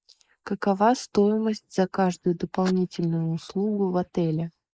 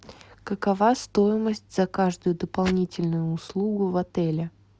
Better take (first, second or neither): second